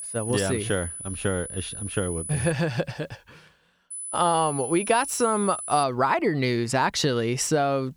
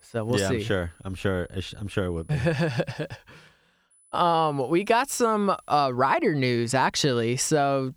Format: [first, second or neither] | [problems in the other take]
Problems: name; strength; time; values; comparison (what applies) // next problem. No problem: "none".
second | high-pitched whine; loud; until 2.5 s and from 4 to 6 s; 10 kHz, 8 dB below the speech; faint in the second